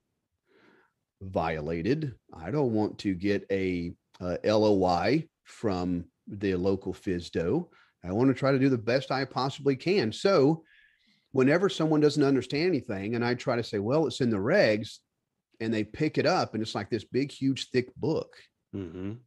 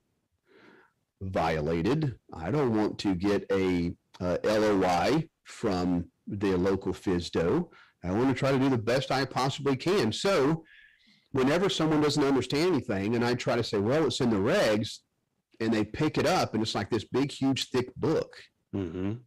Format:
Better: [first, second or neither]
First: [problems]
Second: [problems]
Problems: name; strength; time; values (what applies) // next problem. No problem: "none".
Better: first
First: none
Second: distortion; heavy; 17% of the sound clipped